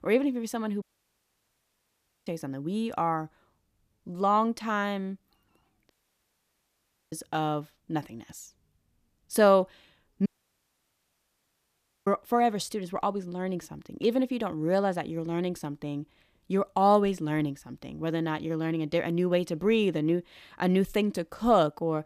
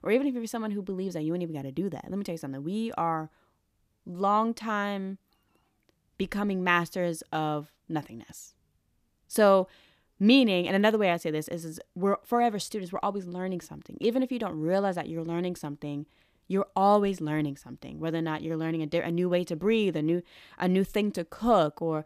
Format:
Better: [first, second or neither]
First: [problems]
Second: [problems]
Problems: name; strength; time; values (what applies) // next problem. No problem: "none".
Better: second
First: audio cutting out; at 1 s for 1.5 s, at 6 s for 1 s and at 10 s for 2 s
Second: none